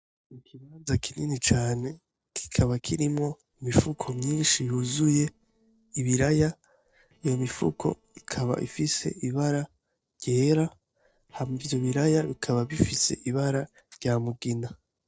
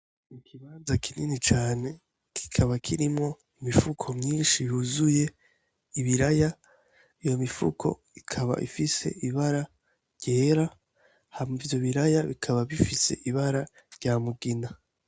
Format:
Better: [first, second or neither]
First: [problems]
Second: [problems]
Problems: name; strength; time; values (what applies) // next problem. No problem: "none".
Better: second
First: noise reduction (neural separator model SepFormer DNS4)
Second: none